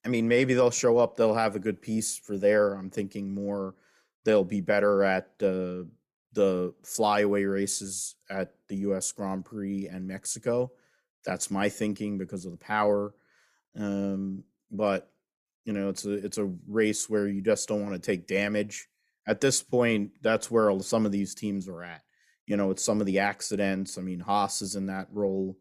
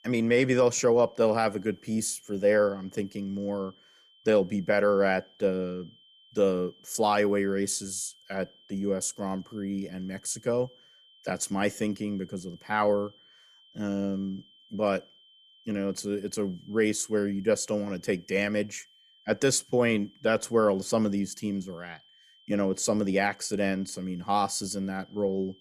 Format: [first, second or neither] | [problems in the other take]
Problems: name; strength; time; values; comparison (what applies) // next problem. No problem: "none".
first | high-pitched whine; faint; throughout; 3 kHz, 30 dB below the speech